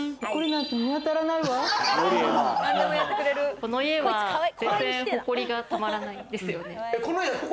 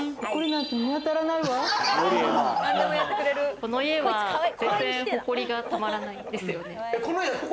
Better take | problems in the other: first | background sound (Writing); 16 dB below the speech

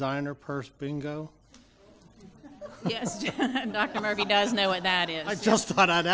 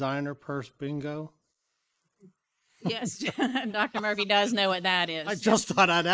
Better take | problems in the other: first | noise reduction (neural mask model Resemble Enhance denoiser)

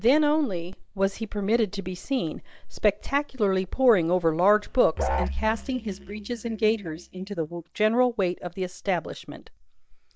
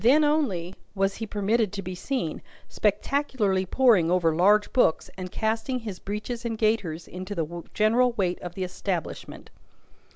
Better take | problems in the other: second | noise reduction (neural mask model DeepFilterNet 3)

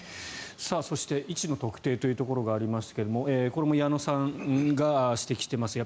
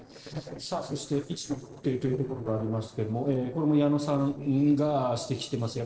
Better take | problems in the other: first | noise reduction (neural separator model SepFormer DNS4)

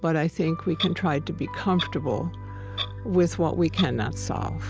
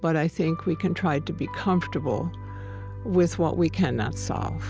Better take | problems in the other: second | background sound (Clock); 14 dB below the speech

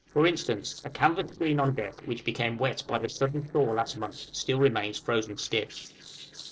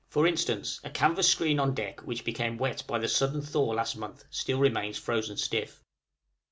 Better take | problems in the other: second | noise reduction (neural separator model SepFormer DNS4)

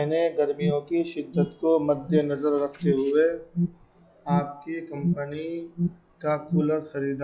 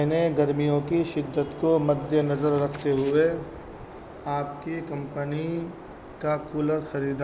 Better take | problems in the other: second | noise reduction (classical method log-MMSE)

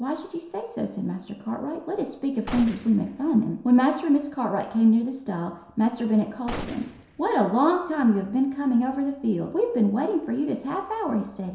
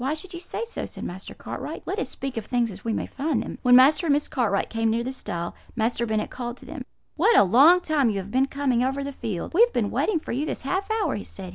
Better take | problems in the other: second | background sound (Gunshot, gunfire); 14 dB below the speech // room echo; dies away in 0.7 s

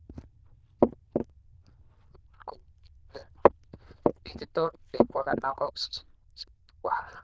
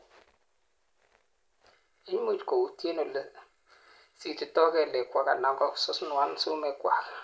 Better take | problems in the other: second | noise reduction (neural diffusion model UNIVERSE++)

